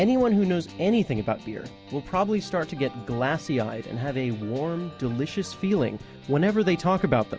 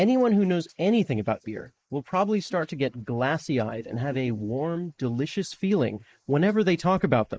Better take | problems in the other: first | noise reduction (neural mask model Resemble Enhance denoiser)

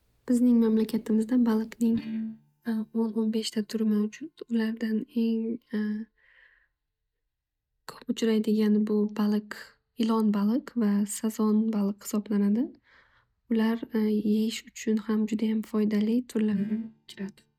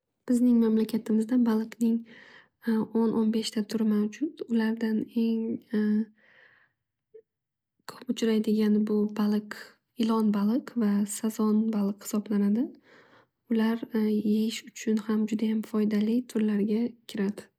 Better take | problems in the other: second | noise reduction (neural mask model DeepFilterNet 3)

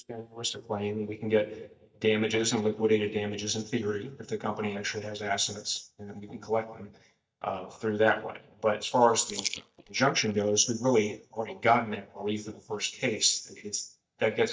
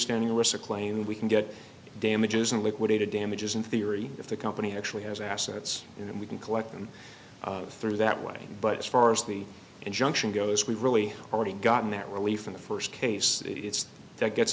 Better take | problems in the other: second | noise reduction (neural mask model DeepFilterNet 3)

